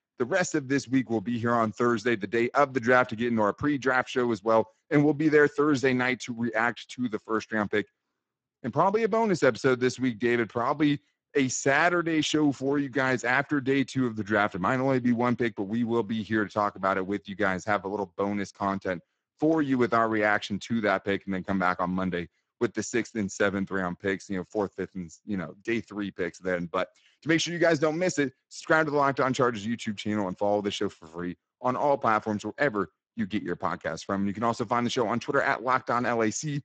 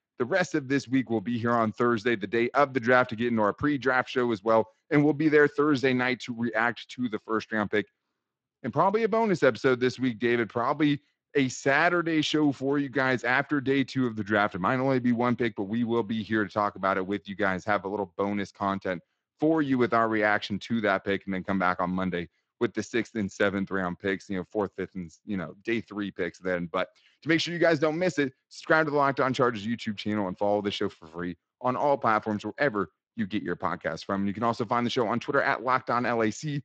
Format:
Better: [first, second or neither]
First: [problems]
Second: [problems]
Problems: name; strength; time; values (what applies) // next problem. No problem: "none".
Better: second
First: garbled, watery; badly; nothing above 7.5 kHz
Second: garbled, watery; slightly; nothing above 7.5 kHz